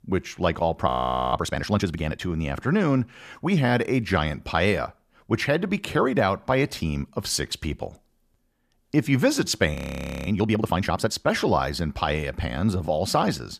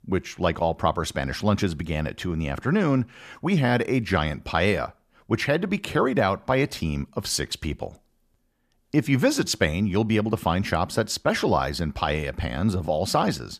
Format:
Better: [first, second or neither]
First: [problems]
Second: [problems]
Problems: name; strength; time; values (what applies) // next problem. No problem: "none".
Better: second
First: audio freezing; at 1 s and at 10 s for 0.5 s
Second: none